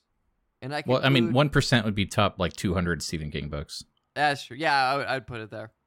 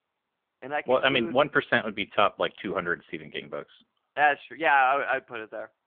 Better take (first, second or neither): first